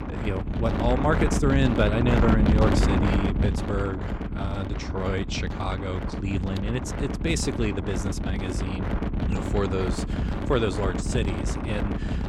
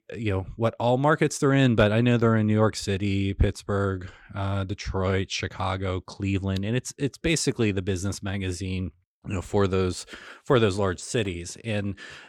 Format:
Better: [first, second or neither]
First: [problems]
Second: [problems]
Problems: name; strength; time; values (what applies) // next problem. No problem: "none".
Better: second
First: wind noise on the microphone; heavy; 3 dB below the speech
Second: none